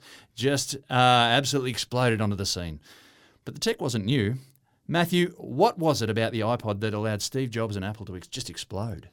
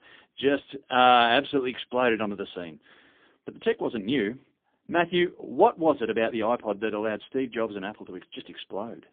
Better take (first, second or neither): first